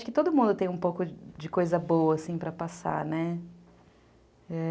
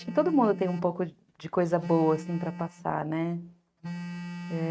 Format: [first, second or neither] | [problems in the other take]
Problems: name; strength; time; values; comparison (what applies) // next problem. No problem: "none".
first | noise reduction (neural mask model RNNoise)